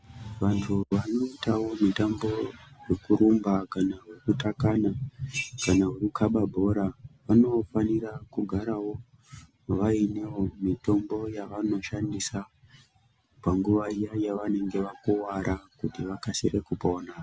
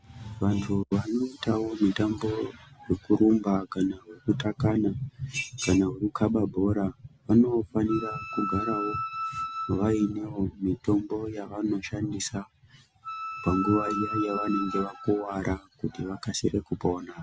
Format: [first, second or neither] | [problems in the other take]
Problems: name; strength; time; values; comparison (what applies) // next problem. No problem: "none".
first | background sound (Wind instrument, woodwind instrument); 6 dB below the speech